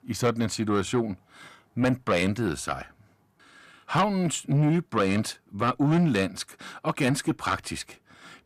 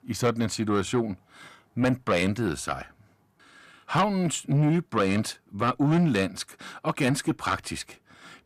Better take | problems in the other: neither | distortion; slight; 10 dB below the speech; the same in both

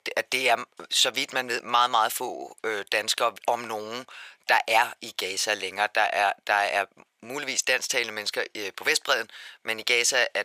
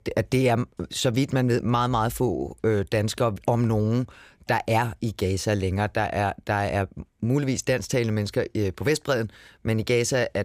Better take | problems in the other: second | thin; very; fading below 850 Hz

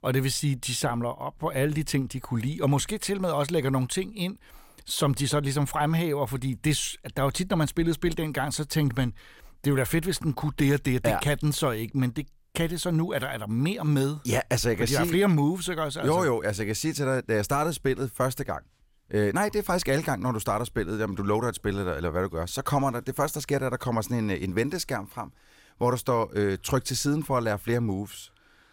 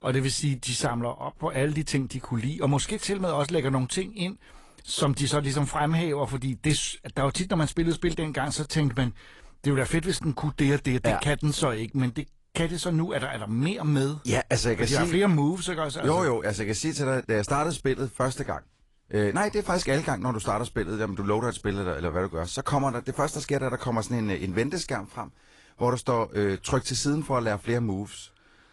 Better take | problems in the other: first | garbled, watery; slightly; nothing above 10.5 kHz

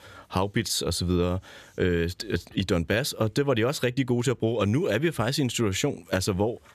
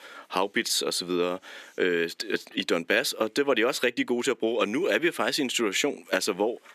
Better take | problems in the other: first | thin; somewhat; fading below 250 Hz

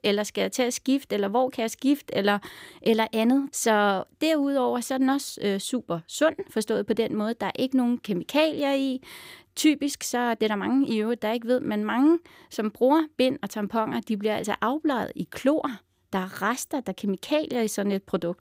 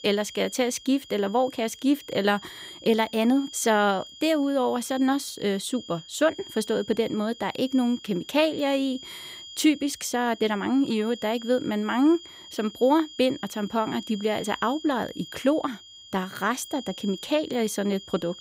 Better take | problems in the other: first | high-pitched whine; noticeable; throughout; 3.5 kHz, 15 dB below the speech

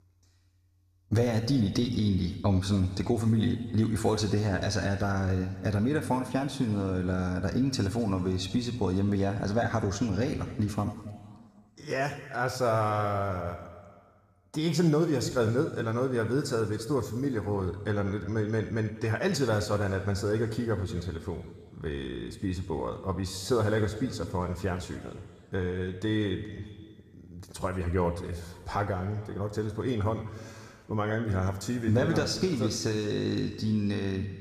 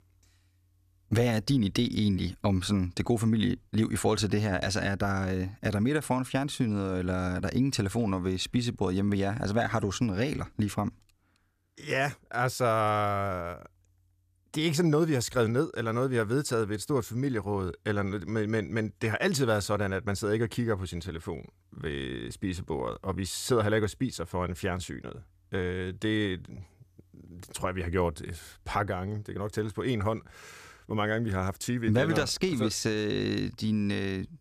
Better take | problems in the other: second | room echo; slight; dies away in 1.8 s

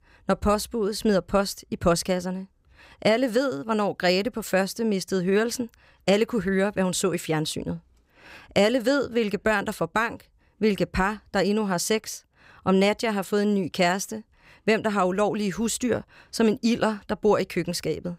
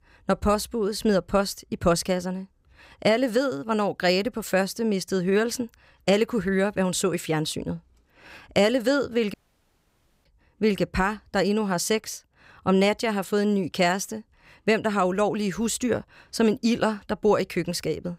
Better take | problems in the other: first | audio cutting out; at 9.5 s for 1 s

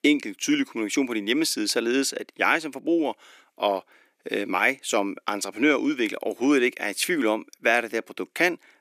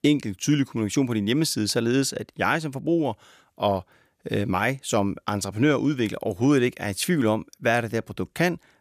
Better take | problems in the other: second | thin; very slightly; fading below 300 Hz

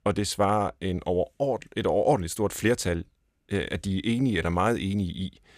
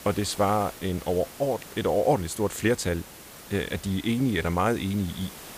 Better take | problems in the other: first | hiss; noticeable; throughout; 15 dB below the speech

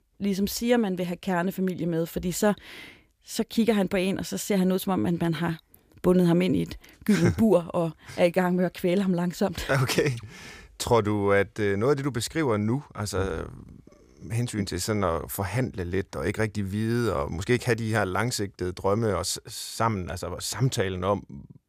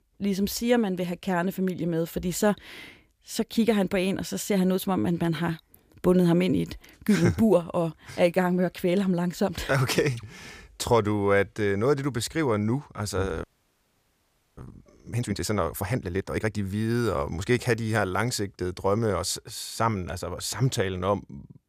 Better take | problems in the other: first | audio freezing; at 13 s for 1 s

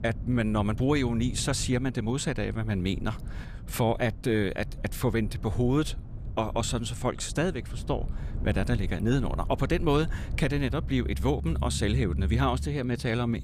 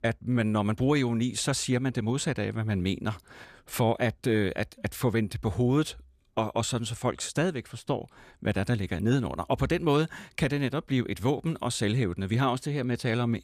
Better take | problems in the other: second | low rumble; noticeable; throughout; 20 dB below the speech

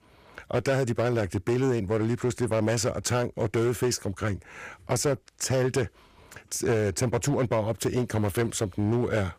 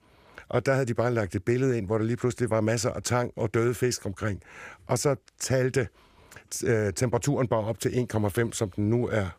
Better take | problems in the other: second | distortion; slight; 8% of the sound clipped

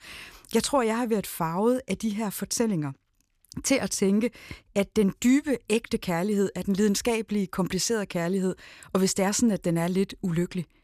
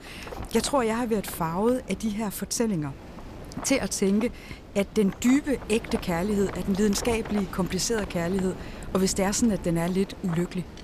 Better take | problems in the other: first | wind noise on the microphone; occasional gusts; 15 dB below the speech

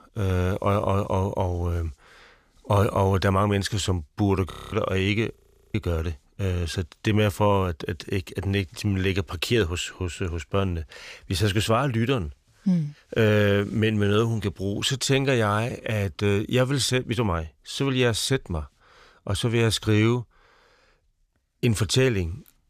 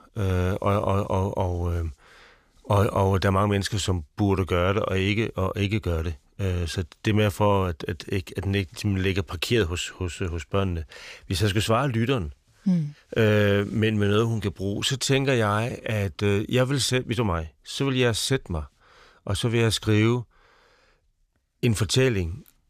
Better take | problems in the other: second | audio freezing; at 4.5 s and at 5.5 s

